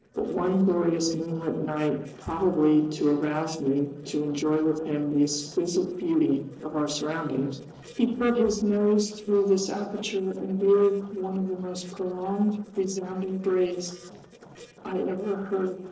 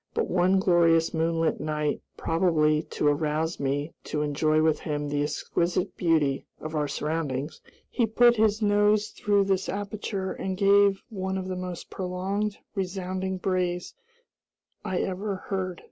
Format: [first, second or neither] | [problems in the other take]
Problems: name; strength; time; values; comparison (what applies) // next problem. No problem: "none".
second | noise reduction (neural separator model SepFormer DNS4)